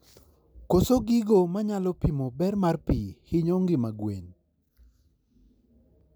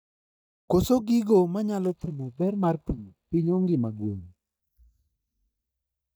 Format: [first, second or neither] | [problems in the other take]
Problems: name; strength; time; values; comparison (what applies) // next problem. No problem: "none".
first | noise reduction (neural mask model DeepFilterNet 3)